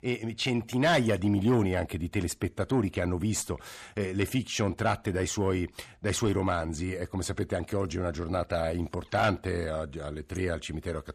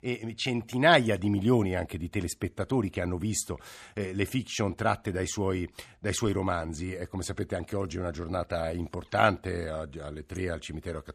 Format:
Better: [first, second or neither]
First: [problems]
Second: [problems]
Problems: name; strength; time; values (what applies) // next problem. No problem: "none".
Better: second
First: distortion; slight; 10 dB below the speech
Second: none